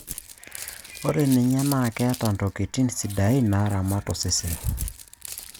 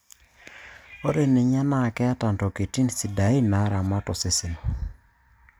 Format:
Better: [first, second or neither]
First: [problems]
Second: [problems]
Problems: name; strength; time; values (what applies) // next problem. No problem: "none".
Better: second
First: background sound (Crumpling, crinkling); 15 dB below the speech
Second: none